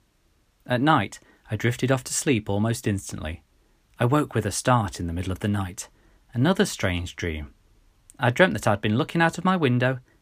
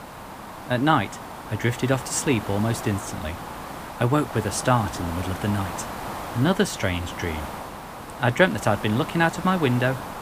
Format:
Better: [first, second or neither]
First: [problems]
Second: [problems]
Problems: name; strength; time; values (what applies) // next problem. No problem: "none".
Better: first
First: none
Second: hiss; noticeable; throughout; 10 dB below the speech